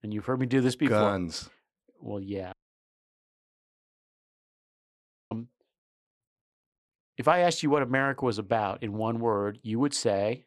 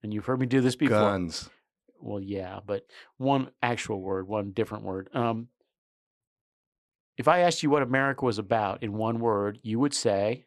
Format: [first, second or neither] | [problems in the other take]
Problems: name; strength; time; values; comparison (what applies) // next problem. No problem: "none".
second | audio cutting out; at 2.5 s for 3 s